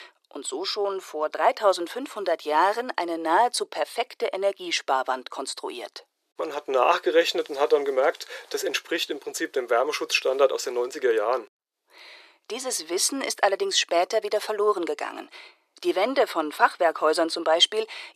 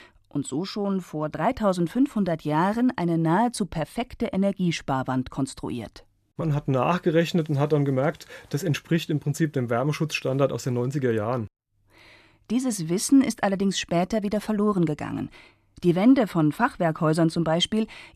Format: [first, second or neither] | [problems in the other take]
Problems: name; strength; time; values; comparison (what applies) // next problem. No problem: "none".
second | thin; very; fading below 400 Hz